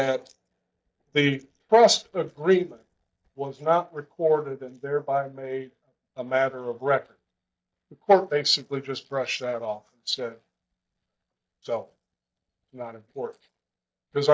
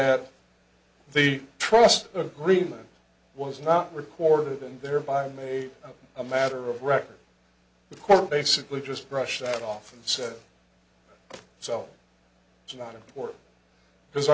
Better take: second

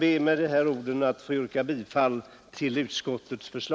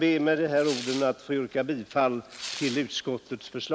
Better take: first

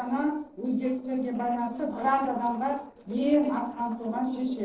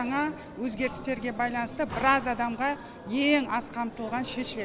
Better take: second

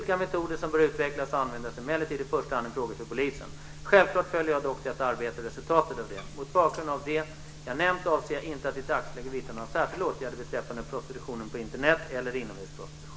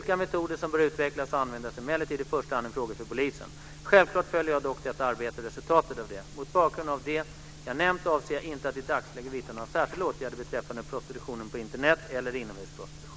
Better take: second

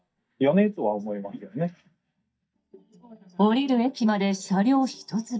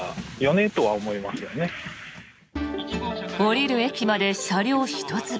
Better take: second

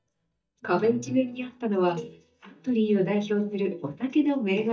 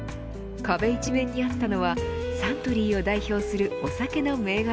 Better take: second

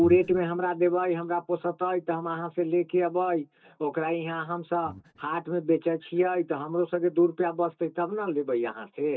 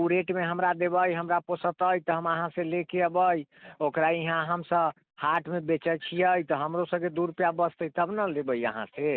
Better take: second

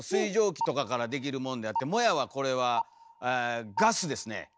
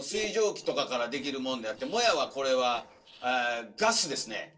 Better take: first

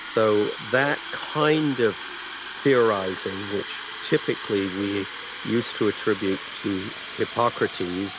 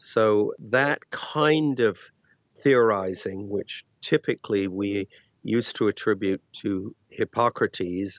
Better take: second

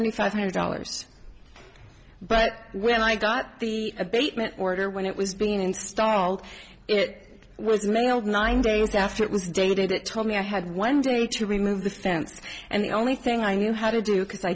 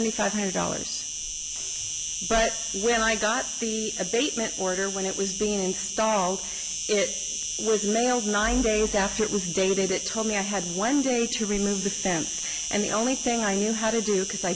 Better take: first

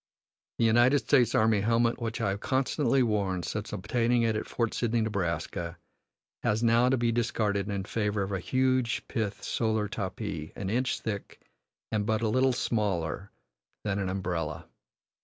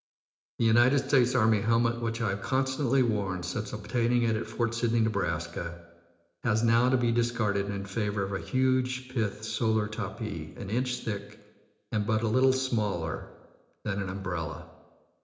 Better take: first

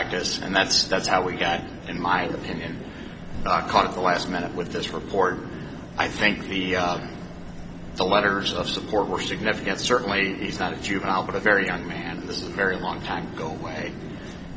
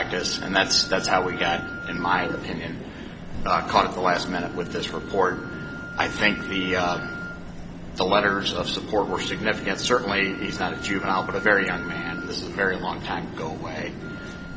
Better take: first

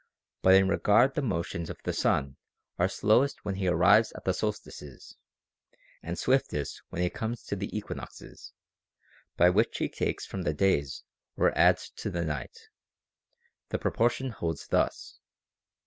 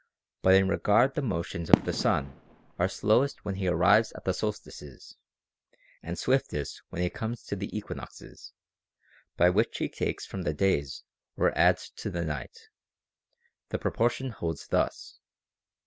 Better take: first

